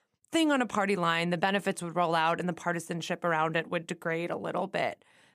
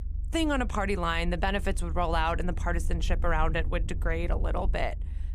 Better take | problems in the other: first | low rumble; faint; throughout; 20 dB below the speech

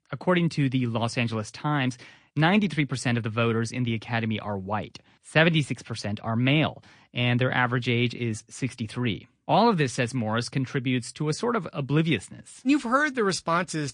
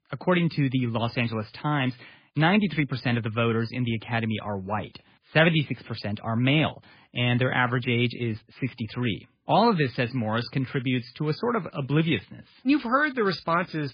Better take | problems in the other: first | garbled, watery; badly; nothing above 5 kHz; slightly in the first

